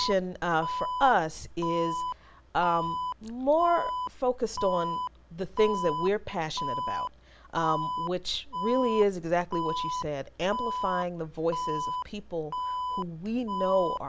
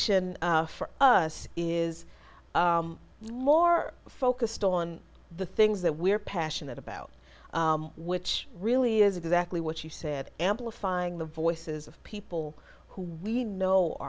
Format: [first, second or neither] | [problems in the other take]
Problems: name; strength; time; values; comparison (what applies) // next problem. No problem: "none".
second | background sound (Alarm); 5 dB below the speech